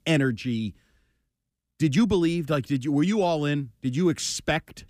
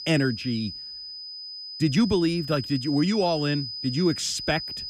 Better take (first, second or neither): first